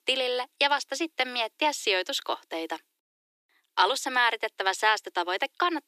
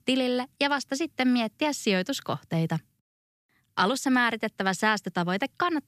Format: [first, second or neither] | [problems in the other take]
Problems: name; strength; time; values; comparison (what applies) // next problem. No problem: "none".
second | thin; very; fading below 350 Hz